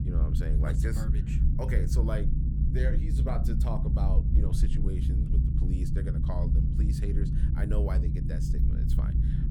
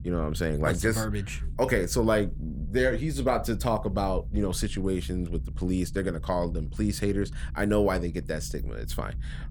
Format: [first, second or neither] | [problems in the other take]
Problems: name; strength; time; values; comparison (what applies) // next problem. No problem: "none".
second | low rumble; loud; throughout; 1 dB below the speech; faint in the second